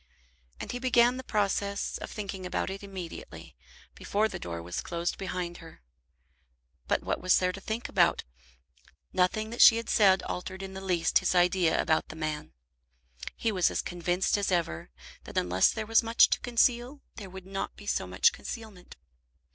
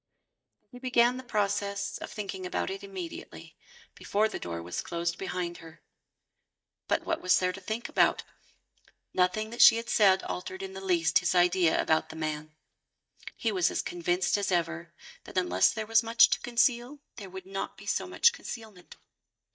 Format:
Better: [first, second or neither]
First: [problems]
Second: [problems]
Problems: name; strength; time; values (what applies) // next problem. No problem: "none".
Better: first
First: none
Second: noise reduction (neural mask model DeepFilterNet 3)